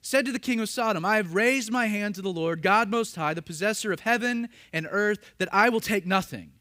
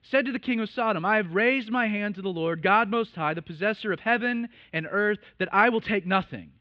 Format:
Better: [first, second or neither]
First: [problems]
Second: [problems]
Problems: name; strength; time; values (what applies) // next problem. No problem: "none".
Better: first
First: none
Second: muffled; very; fading above 3.5 kHz